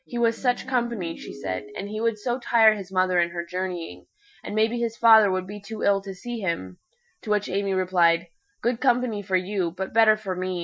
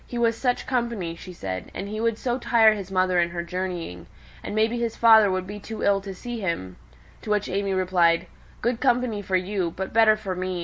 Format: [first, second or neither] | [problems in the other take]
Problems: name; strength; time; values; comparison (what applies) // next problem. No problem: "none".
second | noise reduction (classical method Wiener filter)